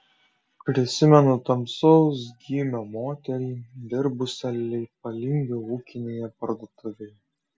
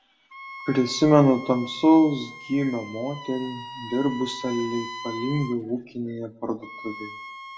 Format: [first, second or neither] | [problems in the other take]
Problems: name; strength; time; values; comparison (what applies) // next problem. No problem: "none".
first | background sound (Wind instrument, woodwind instrument); 15 dB below the speech // room echo; dies away in 0.3 s